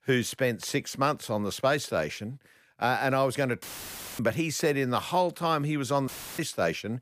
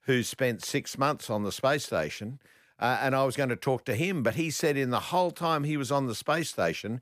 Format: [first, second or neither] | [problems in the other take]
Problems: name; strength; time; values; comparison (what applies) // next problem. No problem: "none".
second | audio cutting out; filled with static; at 3.5 s for 0.5 s and at 6 s